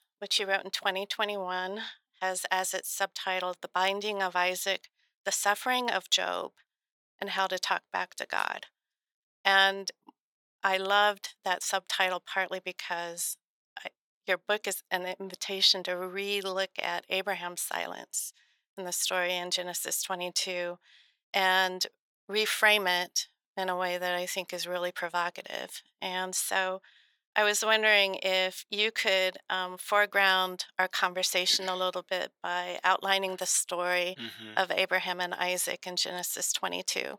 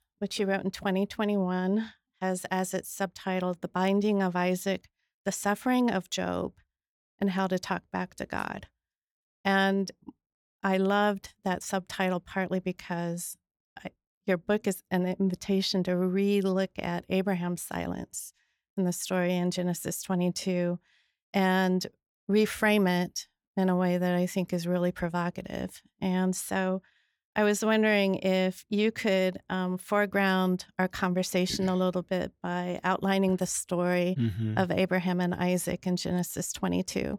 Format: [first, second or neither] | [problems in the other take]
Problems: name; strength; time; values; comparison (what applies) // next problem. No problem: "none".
second | thin; very; fading below 750 Hz